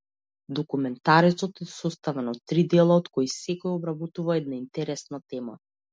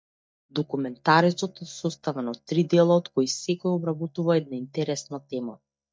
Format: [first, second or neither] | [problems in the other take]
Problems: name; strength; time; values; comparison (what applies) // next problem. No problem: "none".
first | noise reduction (neural mask model DeepFilterNet 3)